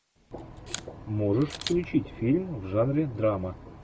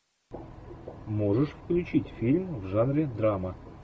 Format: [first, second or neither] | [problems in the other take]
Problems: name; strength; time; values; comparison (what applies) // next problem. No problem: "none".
second | background sound (Camera); 15 dB below the speech